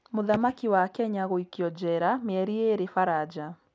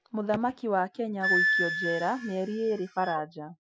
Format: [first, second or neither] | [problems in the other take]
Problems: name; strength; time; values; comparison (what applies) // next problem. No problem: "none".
first | noise reduction (classical method Wiener filter)